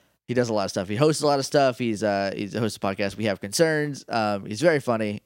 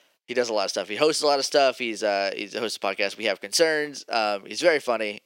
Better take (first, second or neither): first